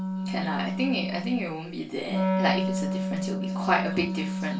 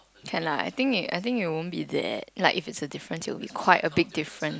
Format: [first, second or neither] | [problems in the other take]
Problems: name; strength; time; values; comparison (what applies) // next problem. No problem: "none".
second | background sound (Wind instrument, woodwind instrument); 1 dB above the speech // room echo; dies away in 0.2 s